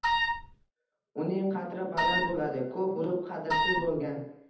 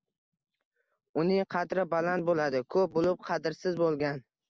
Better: second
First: background sound (Wind instrument, woodwind instrument); 3 dB above the speech // room echo; dies away in 1.1 s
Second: none

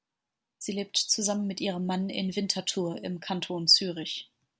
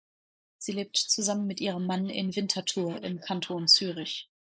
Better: first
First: none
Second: noise reduction (neural mask model Resemble Enhance denoiser)

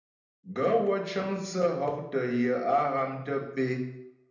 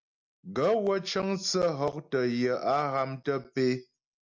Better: second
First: room echo; dies away in 0.7 s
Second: none

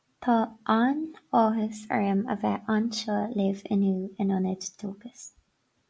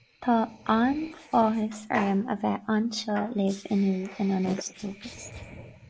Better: first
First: none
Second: noise reduction (neural mask model Resemble Enhance denoiser)

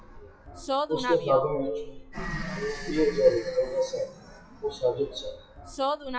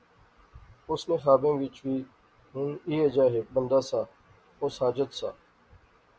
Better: second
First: noise reduction (classical method WPE with log-MMSE)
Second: none

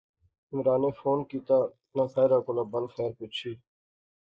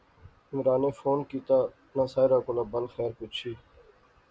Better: second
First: noise reduction (neural mask model Resemble Enhance denoiser)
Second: none

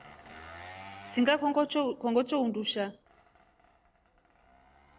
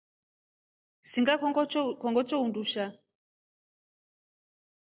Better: second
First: background sound (Engine); 20 dB below the speech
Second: none

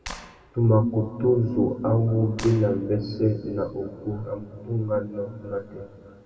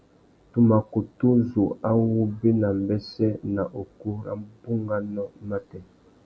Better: second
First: background sound (Clapping); 17 dB below the speech // room echo; dies away in 2.5 s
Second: none

